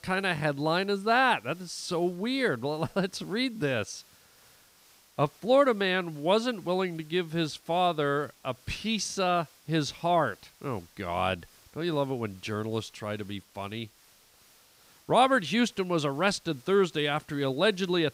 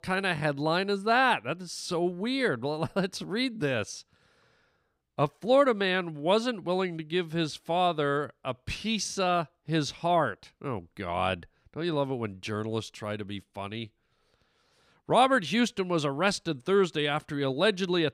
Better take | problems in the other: second | hiss; faint; throughout; 30 dB below the speech

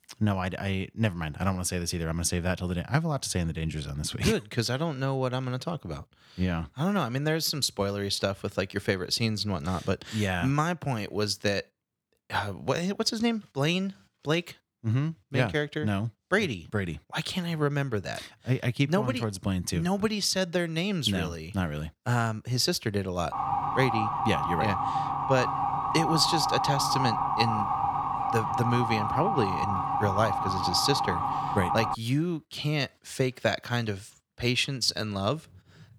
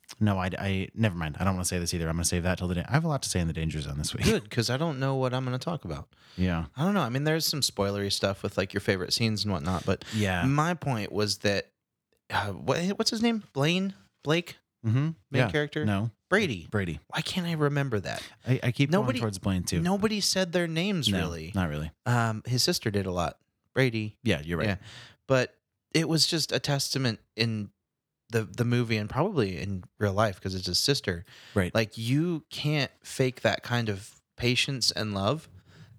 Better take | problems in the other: second | siren; loud; from 23 to 32 s; peak 2 dB above the speech

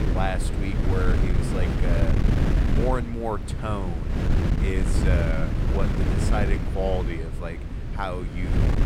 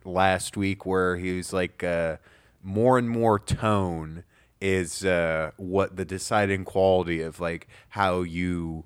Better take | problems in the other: second | wind noise on the microphone; heavy; 2 dB below the speech

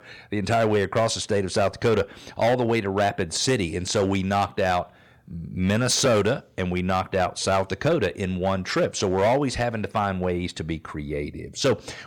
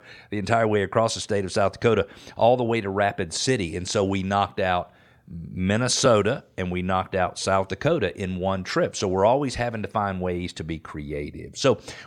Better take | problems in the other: second | distortion; slight; 6% of the sound clipped

